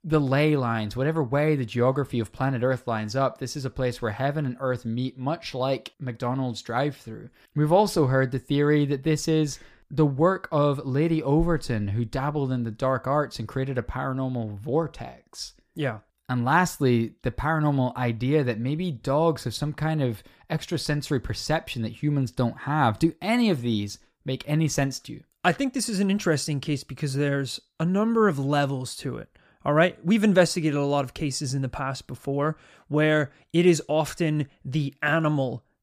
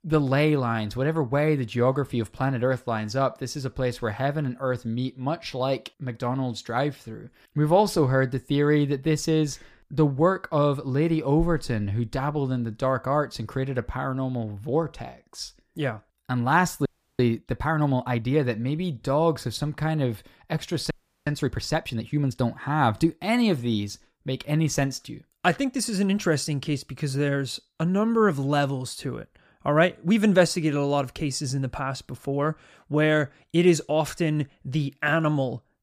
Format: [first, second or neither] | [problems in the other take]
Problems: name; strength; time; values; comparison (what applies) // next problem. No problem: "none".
first | audio freezing; at 17 s and at 21 s